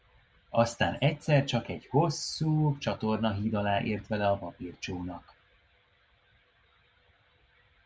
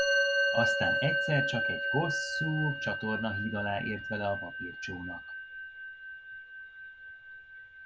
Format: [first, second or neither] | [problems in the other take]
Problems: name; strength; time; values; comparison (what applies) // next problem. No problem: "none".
first | background sound (Musical instrument); 3 dB above the speech